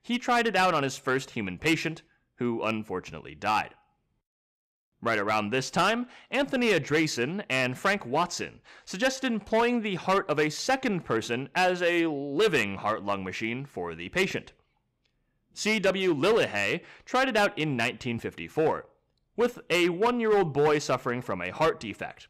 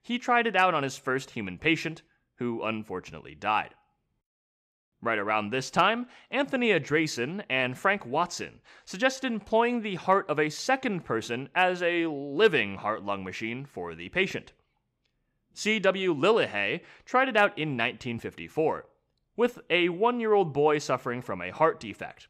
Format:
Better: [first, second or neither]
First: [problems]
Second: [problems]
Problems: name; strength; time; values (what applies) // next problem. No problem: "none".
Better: second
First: distortion; slight; 5% of the sound clipped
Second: none